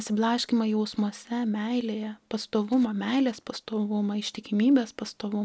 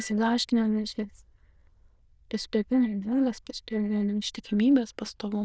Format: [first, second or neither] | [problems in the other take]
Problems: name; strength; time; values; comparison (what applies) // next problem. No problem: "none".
first | noise reduction (neural diffusion model UNIVERSE++)